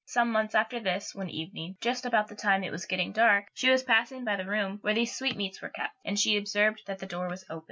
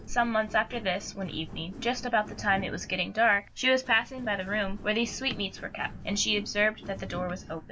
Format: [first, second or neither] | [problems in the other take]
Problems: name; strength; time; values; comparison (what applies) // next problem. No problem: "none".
first | background sound (Walk, footsteps); 12 dB below the speech